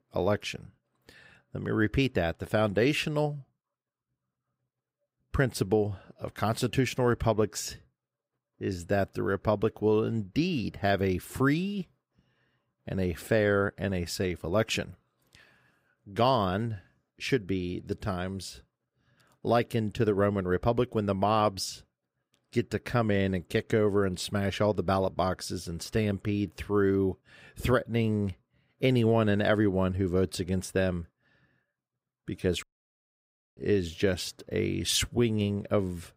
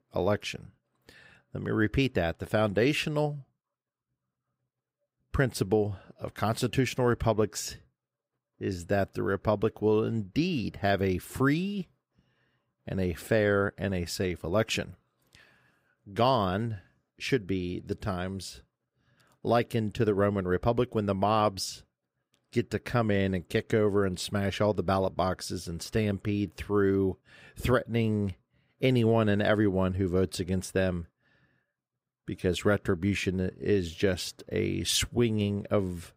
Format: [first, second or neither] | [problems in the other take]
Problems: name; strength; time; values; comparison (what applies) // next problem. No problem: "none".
second | audio cutting out; at 33 s for 1 s